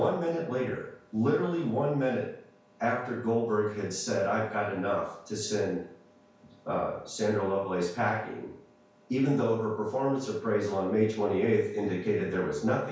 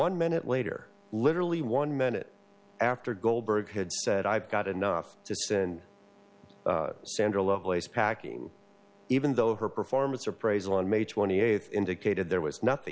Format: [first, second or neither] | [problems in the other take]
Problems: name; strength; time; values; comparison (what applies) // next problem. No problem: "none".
second | room echo; dies away in 0.5 s